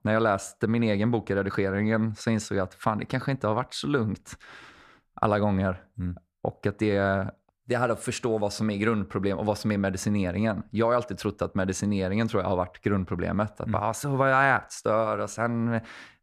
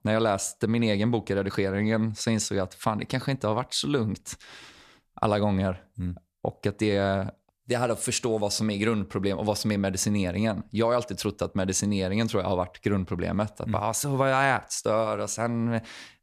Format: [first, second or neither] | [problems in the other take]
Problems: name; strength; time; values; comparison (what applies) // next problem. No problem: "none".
second | muffled; slightly; fading above 3 kHz